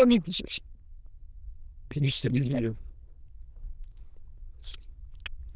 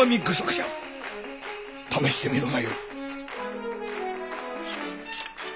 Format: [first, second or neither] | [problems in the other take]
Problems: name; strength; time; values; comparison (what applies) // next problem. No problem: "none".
second | noise reduction (neural diffusion model UNIVERSE++)